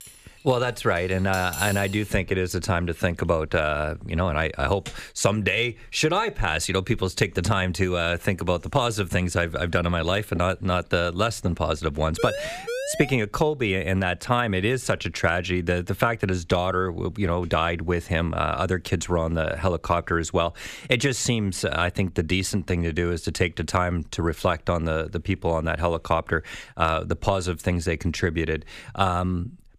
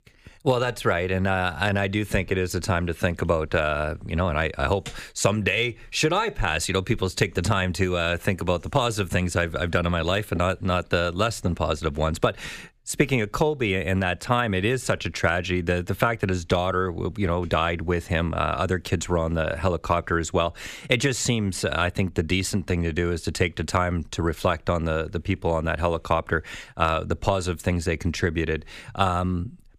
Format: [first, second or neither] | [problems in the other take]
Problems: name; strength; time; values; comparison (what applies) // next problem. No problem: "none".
second | clattering dishes; noticeable; until 2 s; peak 6 dB below the speech // siren; noticeable; at 12 s; peak 6 dB below the speech